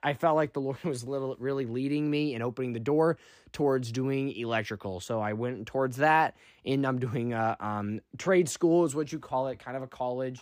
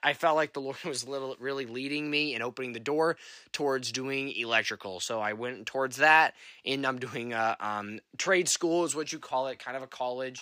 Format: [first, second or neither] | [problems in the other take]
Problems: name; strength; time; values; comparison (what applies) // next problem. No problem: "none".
first | thin; somewhat; fading below 1 kHz